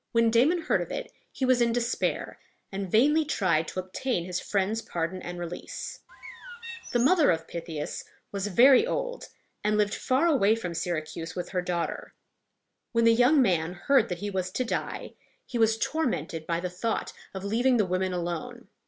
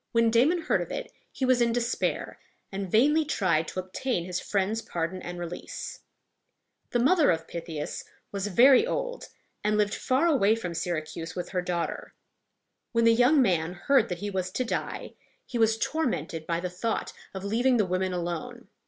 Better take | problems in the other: second | background sound (Bird); 14 dB below the speech

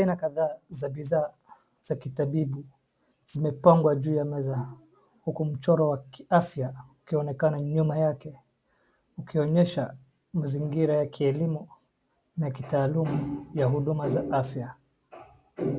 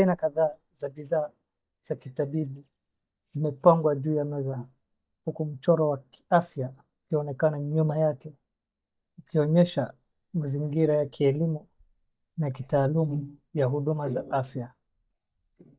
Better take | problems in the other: first | noise reduction (neural mask model DeepFilterNet 3)

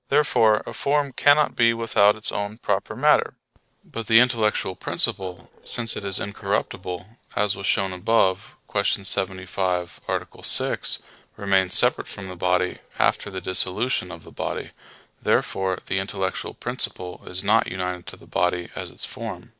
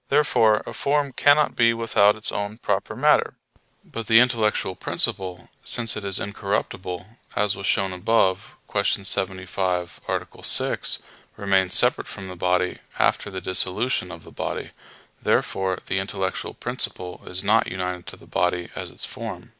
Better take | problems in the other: second | noise reduction (neural separator model SepFormer DNS4)

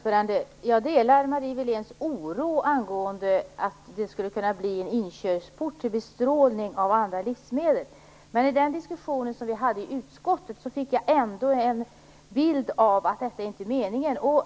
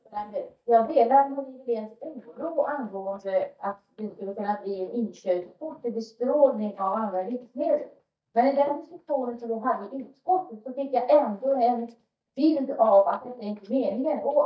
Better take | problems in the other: first | noise reduction (neural mask model DeepFilterNet 3)

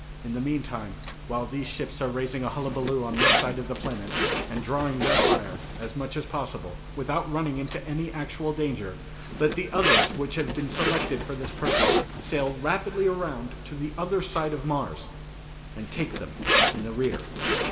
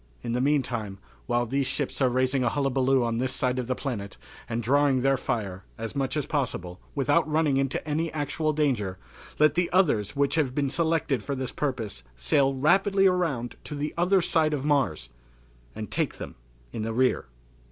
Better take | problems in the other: second | background sound (Zipper (clothing)); as loud as the speech // room echo; dies away in 1.7 s

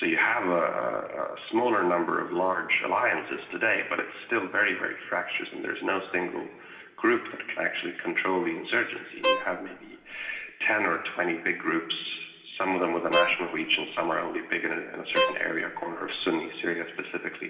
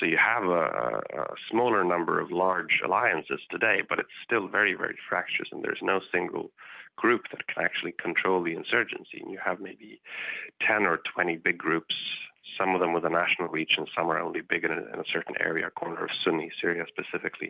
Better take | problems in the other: second | background sound (Bowed string instrument); 3 dB below the speech // room echo; dies away in 1.9 s

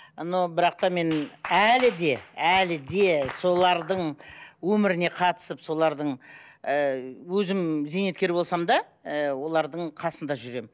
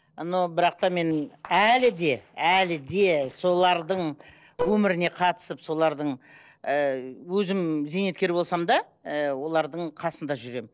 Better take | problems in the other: first | noise reduction (neural separator model SepFormer DNS4)

